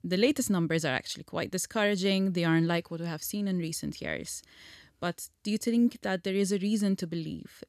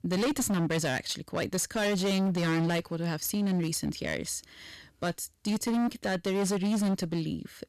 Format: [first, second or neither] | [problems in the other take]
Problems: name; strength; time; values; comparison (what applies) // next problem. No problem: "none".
first | distortion; heavy; 20% of the sound clipped